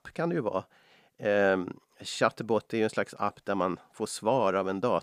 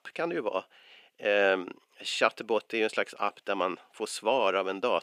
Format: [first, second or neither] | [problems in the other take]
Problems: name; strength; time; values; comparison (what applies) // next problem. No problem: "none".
first | thin; very slightly; fading below 350 Hz